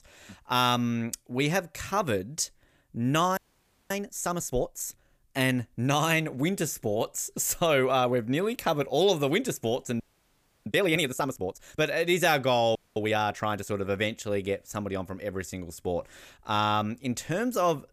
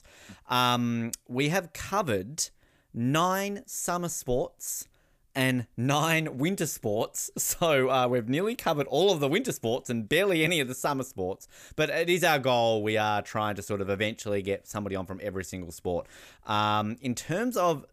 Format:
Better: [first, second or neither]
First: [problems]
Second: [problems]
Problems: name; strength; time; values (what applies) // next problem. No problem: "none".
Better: second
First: audio freezing; at 3.5 s for 0.5 s, at 10 s for 0.5 s and at 13 s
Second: none